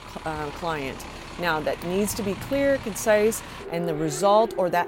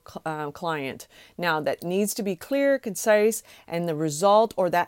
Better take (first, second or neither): second